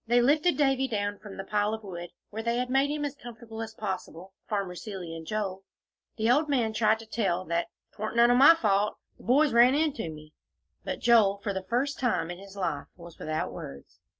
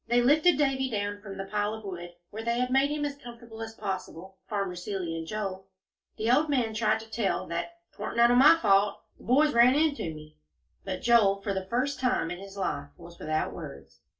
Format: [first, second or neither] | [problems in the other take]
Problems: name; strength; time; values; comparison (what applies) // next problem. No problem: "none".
first | room echo; dies away in 0.2 s